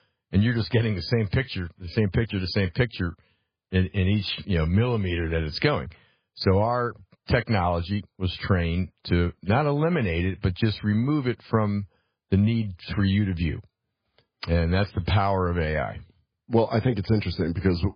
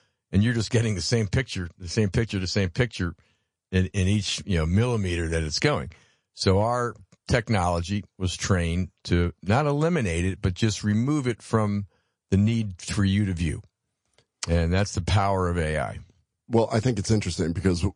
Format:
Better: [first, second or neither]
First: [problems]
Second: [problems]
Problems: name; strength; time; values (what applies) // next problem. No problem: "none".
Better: second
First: garbled, watery; badly; nothing above 5 kHz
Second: garbled, watery; slightly; nothing above 10 kHz